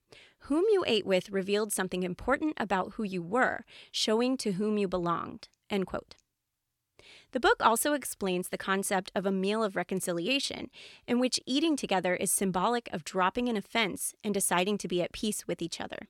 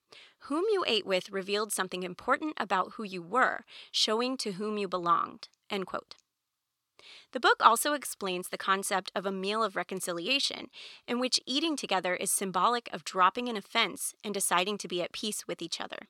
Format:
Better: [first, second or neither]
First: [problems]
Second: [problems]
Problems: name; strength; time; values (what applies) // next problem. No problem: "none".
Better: first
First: none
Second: thin; very slightly; fading below 300 Hz